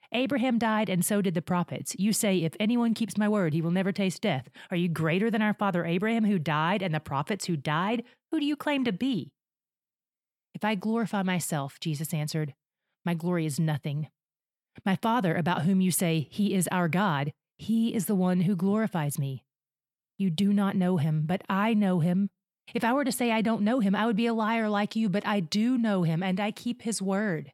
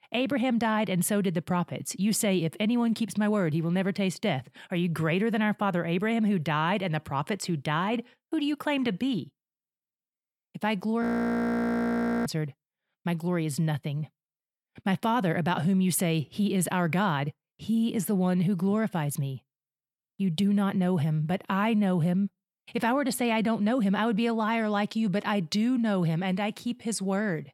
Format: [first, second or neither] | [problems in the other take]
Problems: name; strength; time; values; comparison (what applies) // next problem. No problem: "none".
first | audio freezing; at 11 s for 1 s